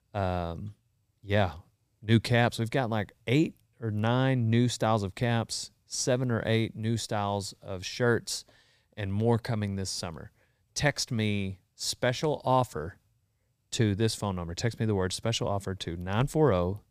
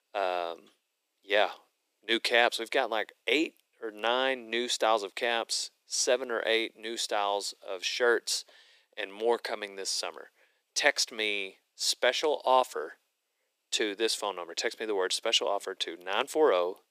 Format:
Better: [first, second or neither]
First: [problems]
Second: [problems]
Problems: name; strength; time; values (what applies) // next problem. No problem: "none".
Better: first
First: none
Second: thin; very; fading below 350 Hz